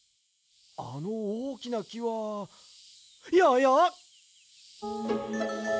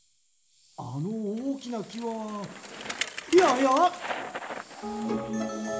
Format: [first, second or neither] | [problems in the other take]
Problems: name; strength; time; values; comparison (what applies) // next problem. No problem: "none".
first | background sound (Bicycle); 10 dB below the speech // room echo; dies away in 0.4 s